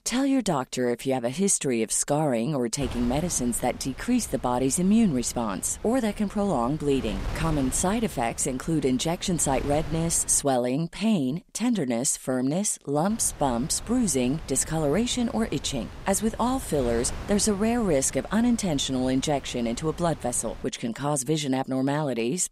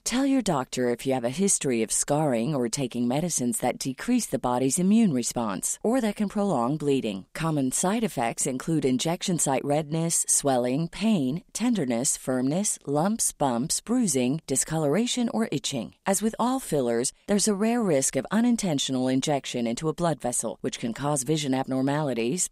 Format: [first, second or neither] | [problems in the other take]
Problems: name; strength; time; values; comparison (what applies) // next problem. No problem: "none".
second | wind noise on the microphone; occasional gusts; from 3 to 10 s and from 13 to 21 s; 15 dB below the speech